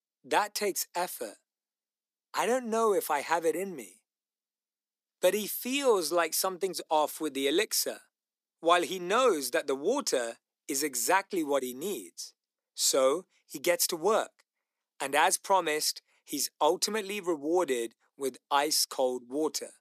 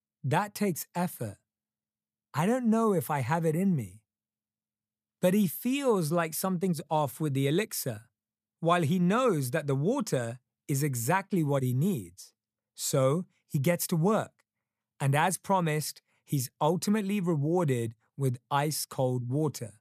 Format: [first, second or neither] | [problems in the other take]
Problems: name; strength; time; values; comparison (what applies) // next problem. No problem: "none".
second | thin; somewhat; fading below 300 Hz